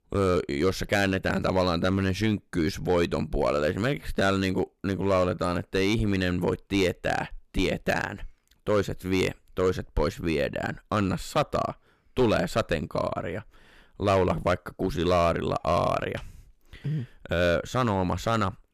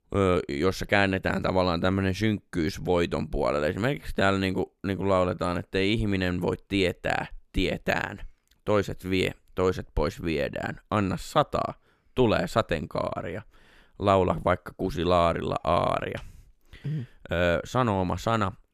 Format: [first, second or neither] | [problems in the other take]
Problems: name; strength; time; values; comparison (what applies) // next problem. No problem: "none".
second | distortion; slight; 3% of the sound clipped